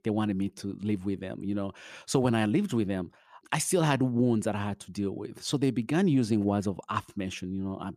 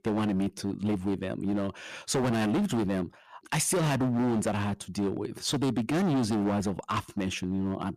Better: first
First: none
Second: distortion; heavy; 18% of the sound clipped

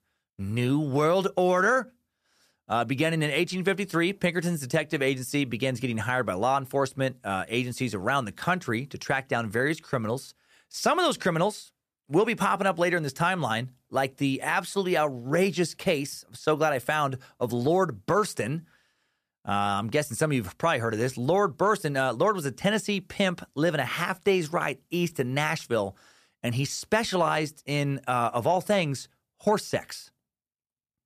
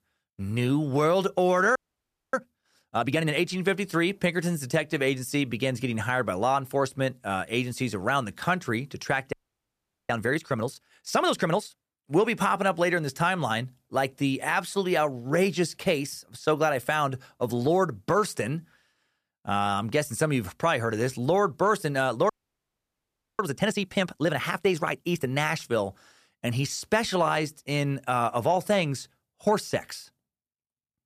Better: first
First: none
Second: audio freezing; at 2 s for 0.5 s, at 9.5 s for 1 s and at 22 s for 1 s

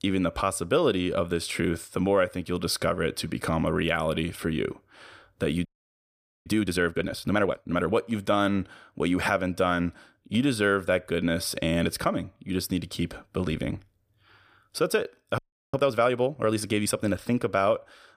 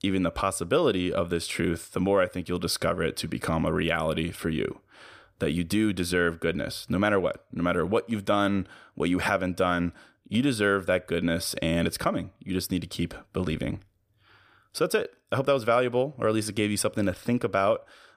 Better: second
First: audio freezing; at 5.5 s for 1 s and at 15 s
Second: none

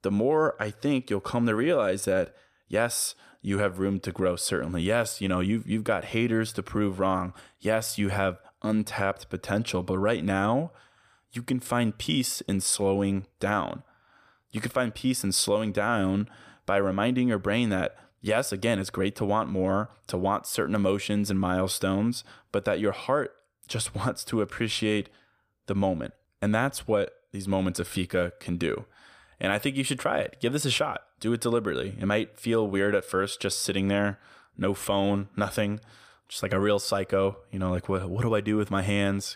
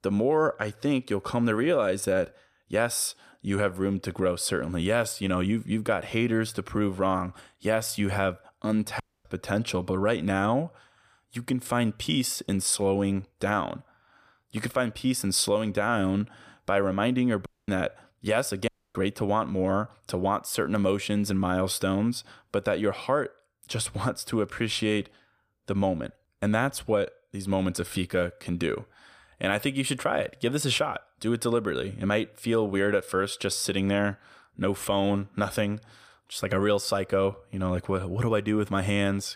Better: first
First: none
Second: audio cutting out; at 9 s, at 17 s and at 19 s

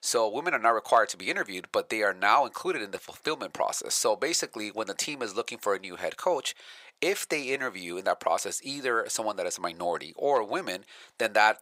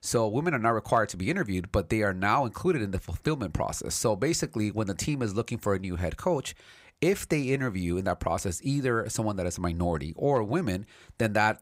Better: second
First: thin; very; fading below 600 Hz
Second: none

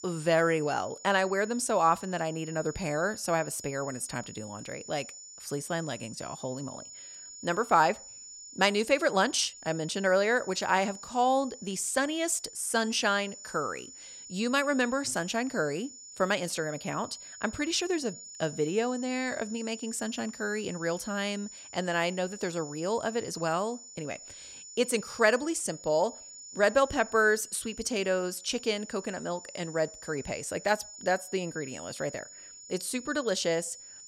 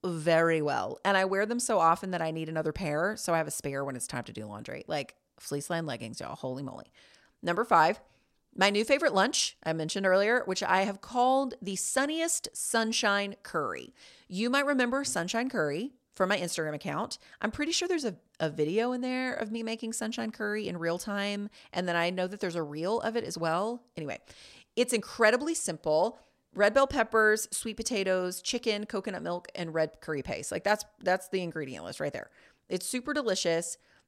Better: second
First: high-pitched whine; noticeable; throughout; 7 kHz, 15 dB below the speech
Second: none

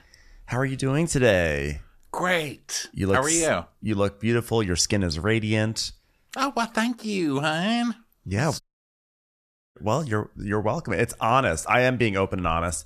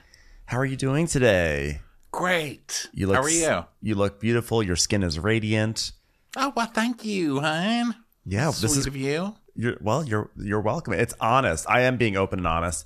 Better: second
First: audio cutting out; at 8.5 s for 1 s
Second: none

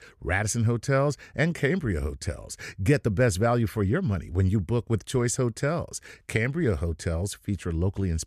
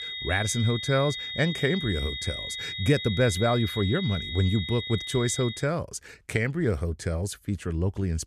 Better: first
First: none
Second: high-pitched whine; loud; until 5.5 s; 3.5 kHz, 6 dB below the speech

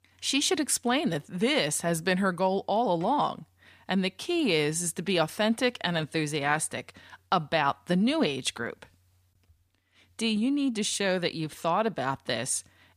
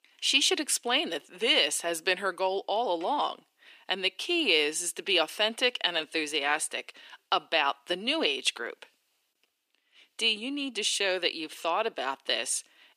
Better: first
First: none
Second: thin; somewhat; fading below 350 Hz

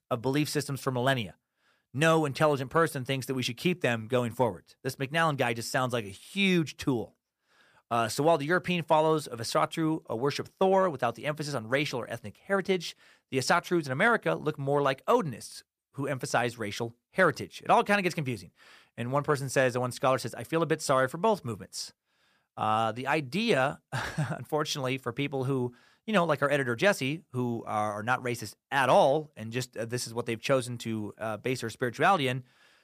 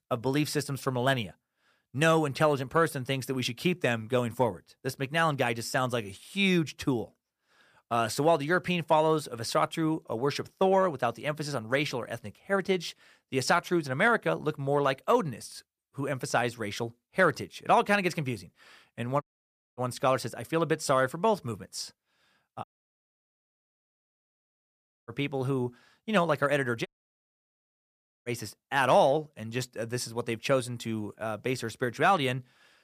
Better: first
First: none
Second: audio cutting out; at 19 s for 0.5 s, at 23 s for 2.5 s and at 27 s for 1.5 s

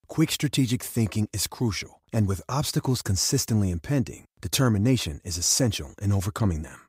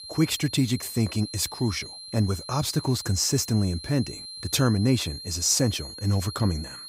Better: first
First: none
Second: high-pitched whine; noticeable; throughout; 4 kHz, 10 dB below the speech

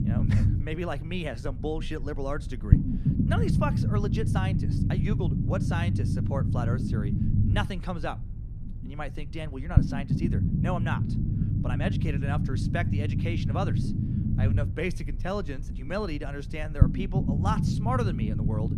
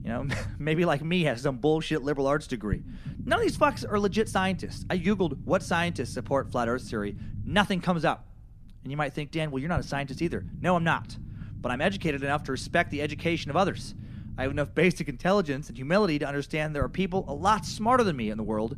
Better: second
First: low rumble; loud; throughout; 2 dB below the speech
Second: low rumble; faint; throughout; 25 dB below the speech

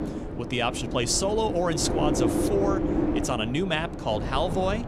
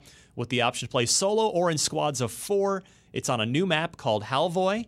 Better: second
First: wind noise on the microphone; heavy; 5 dB below the speech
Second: none

